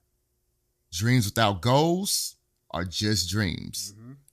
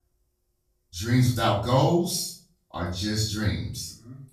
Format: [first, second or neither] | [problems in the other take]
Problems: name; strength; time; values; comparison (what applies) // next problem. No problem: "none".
first | off-mic speech; far // room echo; noticeable; dies away in 0.4 s